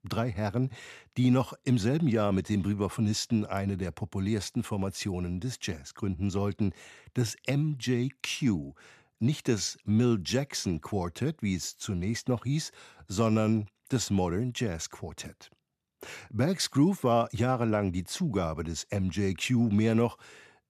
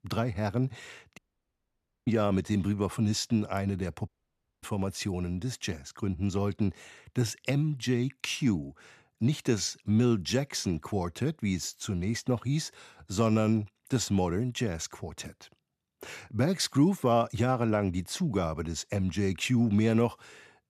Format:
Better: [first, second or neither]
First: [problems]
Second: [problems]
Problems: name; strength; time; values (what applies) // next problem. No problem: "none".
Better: first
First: none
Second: audio cutting out; at 1 s for 1 s and at 4 s for 0.5 s